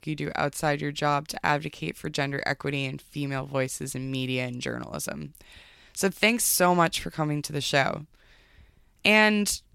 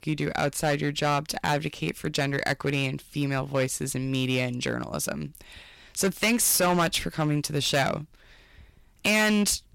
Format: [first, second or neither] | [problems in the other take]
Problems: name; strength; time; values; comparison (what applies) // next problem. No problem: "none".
first | distortion; heavy; 6% of the sound clipped